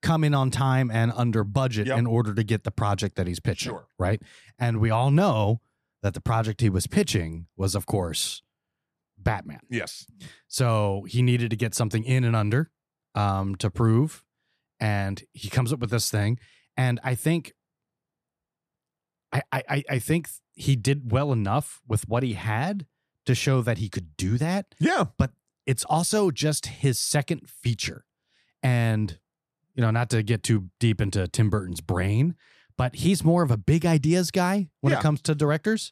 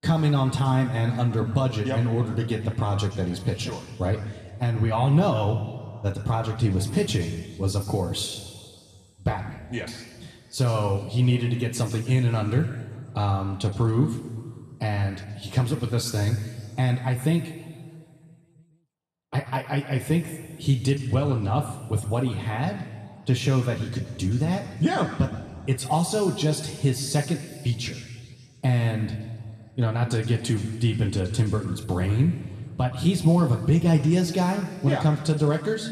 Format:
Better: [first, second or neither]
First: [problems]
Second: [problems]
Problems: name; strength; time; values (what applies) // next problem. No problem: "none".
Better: first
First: none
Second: room echo; noticeable; dies away in 2.1 s // off-mic speech; somewhat distant